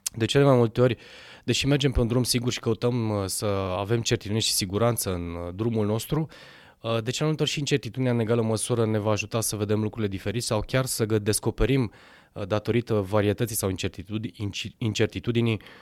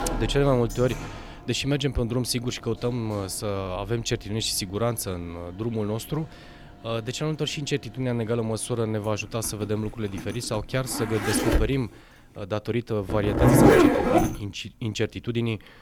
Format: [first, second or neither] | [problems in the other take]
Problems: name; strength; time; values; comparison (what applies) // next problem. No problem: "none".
first | household noises; very loud; throughout; 5 dB above the speech